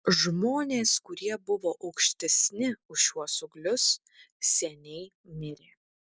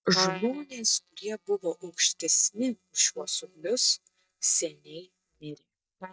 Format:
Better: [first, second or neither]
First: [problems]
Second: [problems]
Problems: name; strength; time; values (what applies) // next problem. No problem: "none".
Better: first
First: none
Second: noise reduction (neural mask model DeepFilterNet 3)